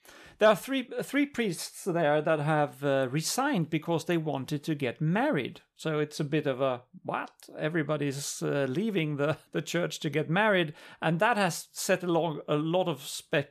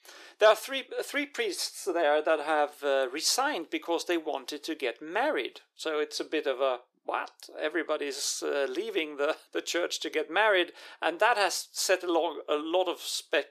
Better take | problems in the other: first | thin; very; fading below 350 Hz

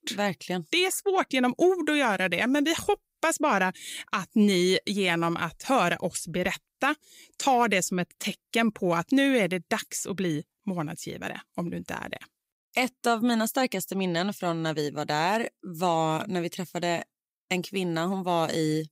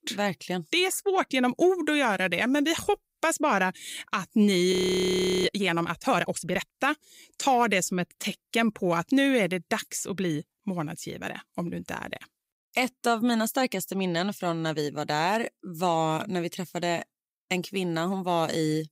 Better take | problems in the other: first | audio freezing; at 4.5 s for 0.5 s

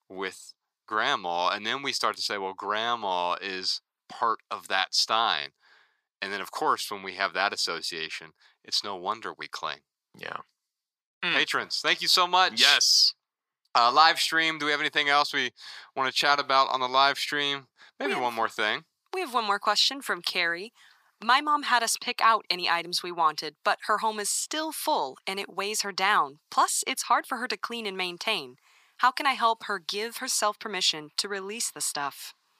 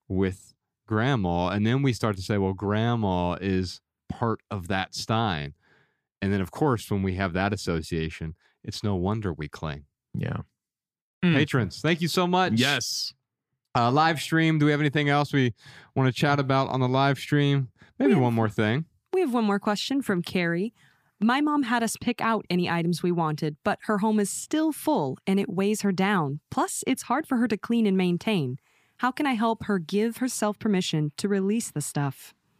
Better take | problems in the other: second | thin; very; fading below 750 Hz

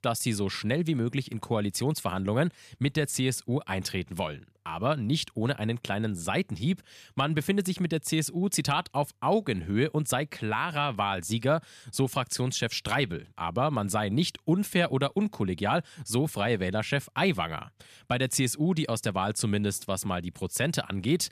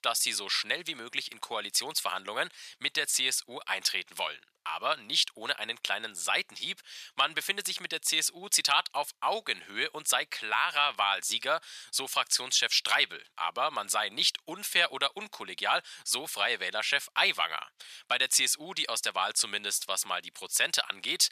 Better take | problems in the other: first | thin; very; fading below 1 kHz

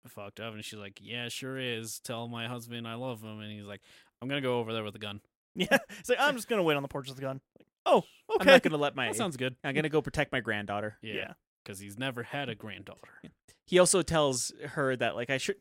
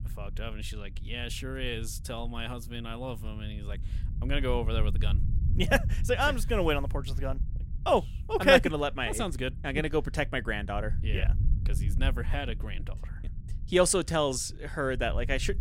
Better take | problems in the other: first | low rumble; faint; throughout; 20 dB below the speech

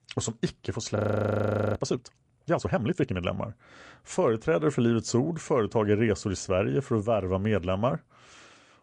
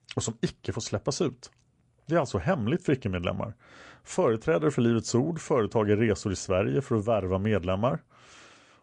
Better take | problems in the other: second | audio freezing; at 1 s for 1 s

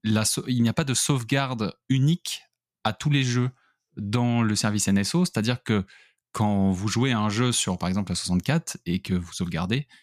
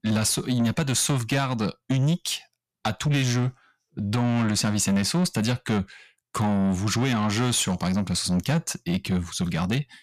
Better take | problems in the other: first | distortion; slight; 10 dB below the speech

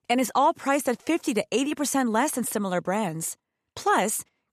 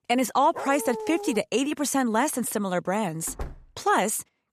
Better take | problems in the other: first | dog barking; noticeable; at 0.5 s; peak 9 dB below the speech // door banging; faint; at 3.5 s; peak 15 dB below the speech

